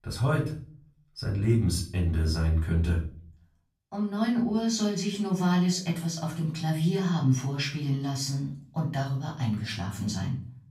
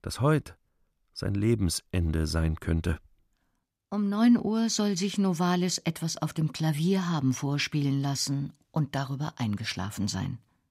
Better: second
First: off-mic speech; far // room echo; slight; dies away in 0.4 s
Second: none

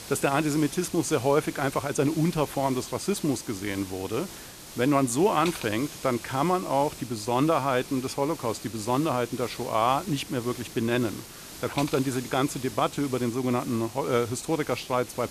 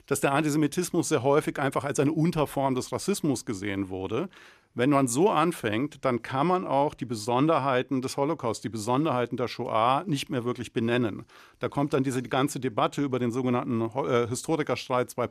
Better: second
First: hiss; noticeable; throughout; 15 dB below the speech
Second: none

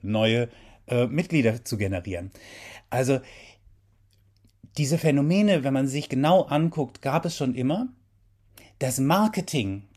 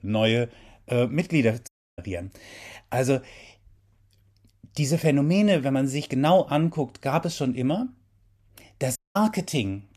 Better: first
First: none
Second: audio cutting out; at 1.5 s and at 9 s

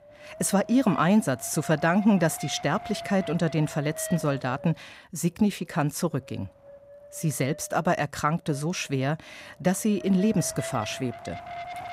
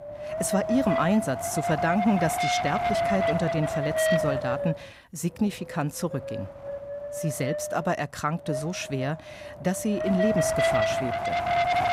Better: first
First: wind noise on the microphone; occasional gusts; 10 dB below the speech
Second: wind noise on the microphone; heavy; 4 dB above the speech

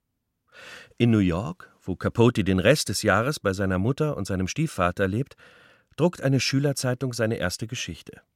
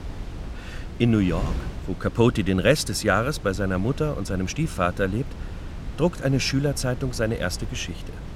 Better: first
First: none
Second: wind noise on the microphone; occasional gusts; 15 dB below the speech

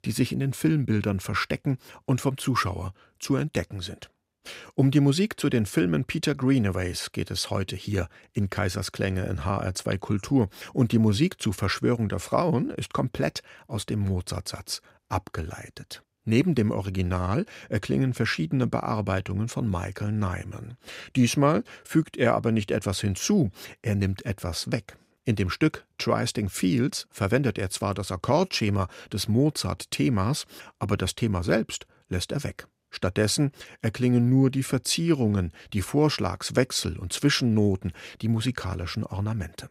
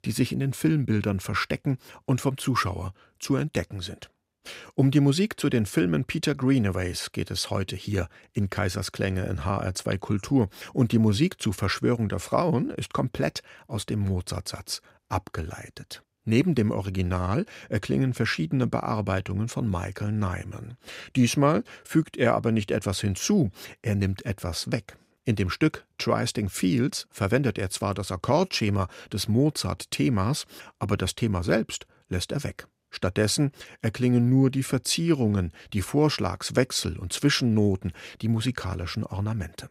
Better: neither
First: none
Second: none

